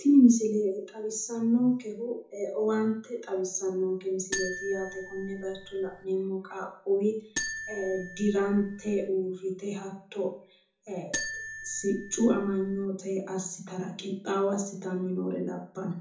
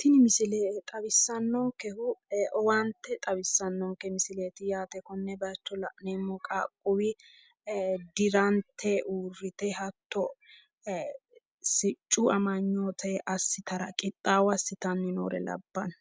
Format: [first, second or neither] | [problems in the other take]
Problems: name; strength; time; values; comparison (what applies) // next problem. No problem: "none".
second | background sound (Marimba, xylophone); 10 dB below the speech // room echo; dies away in 0.6 s